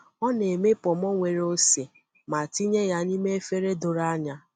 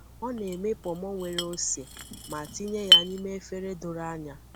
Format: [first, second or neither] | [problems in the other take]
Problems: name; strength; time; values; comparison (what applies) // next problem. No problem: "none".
first | background sound (Chink, clink); 4 dB above the speech